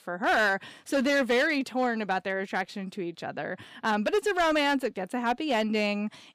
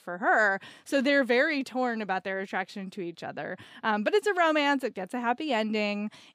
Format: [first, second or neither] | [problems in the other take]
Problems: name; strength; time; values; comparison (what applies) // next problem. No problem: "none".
second | distortion; slight; 6% of the sound clipped